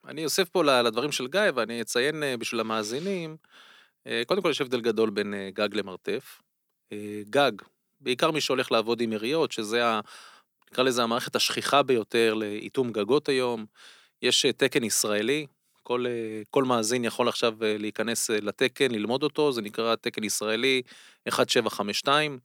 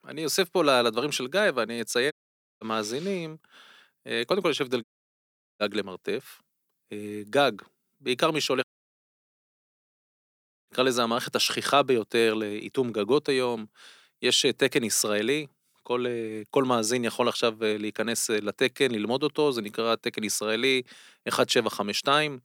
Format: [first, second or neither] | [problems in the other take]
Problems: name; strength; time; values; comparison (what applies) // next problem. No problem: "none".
first | audio cutting out; at 2 s, at 5 s for 1 s and at 8.5 s for 2 s